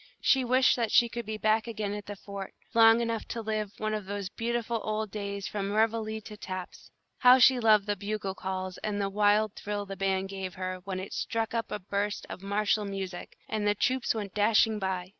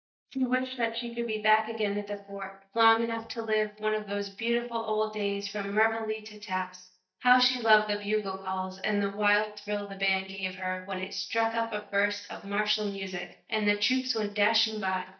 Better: first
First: none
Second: noise reduction (neural mask model DeepFilterNet 3)

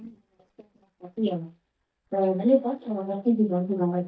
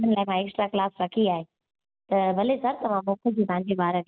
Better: second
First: noise reduction (neural mask model DeepFilterNet 3)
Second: none

